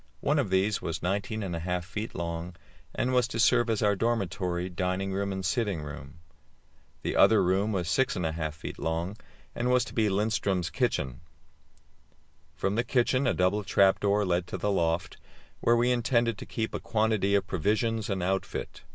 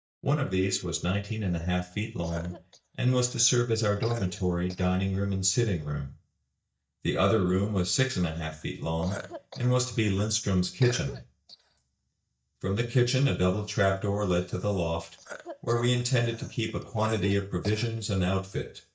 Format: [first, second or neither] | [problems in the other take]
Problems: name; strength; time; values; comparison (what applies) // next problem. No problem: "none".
first | noise reduction (neural mask model DeepFilterNet 3)